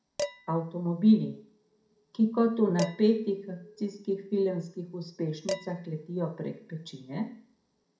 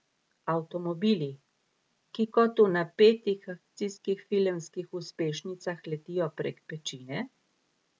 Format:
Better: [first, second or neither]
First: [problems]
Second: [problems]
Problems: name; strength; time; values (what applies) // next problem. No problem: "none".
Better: second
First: background sound (Dishes, pots, and pans); 13 dB below the speech // room echo; dies away in 0.4 s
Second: none